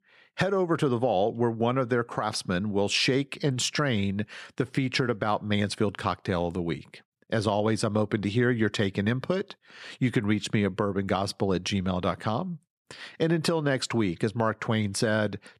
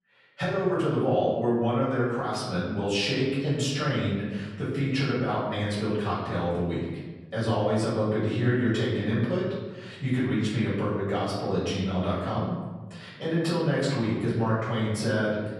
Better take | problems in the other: first | room echo; noticeable; dies away in 1.2 s // off-mic speech; far

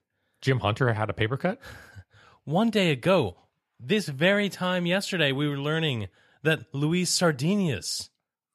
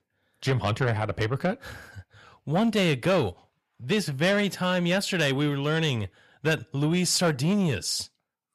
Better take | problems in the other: first | distortion; slight; 10 dB below the speech

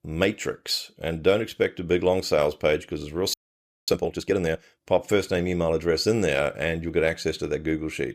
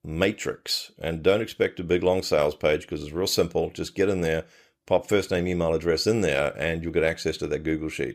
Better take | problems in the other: second | audio freezing; at 3.5 s for 0.5 s

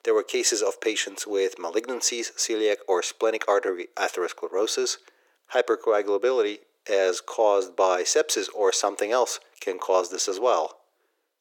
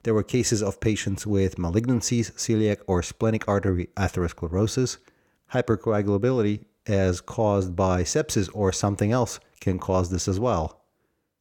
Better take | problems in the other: second | thin; very; fading below 400 Hz

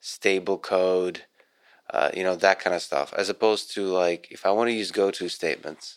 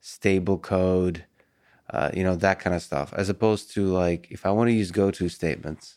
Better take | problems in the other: second | thin; somewhat; fading below 500 Hz

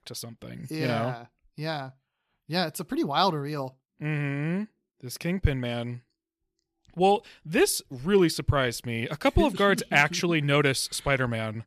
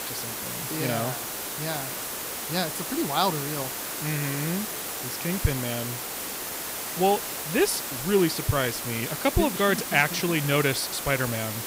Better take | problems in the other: first | hiss; loud; throughout; 4 dB below the speech

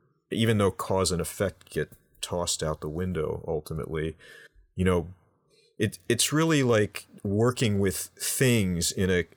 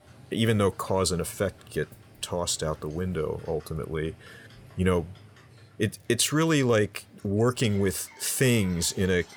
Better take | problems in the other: first | animal sounds; faint; throughout; 25 dB below the speech

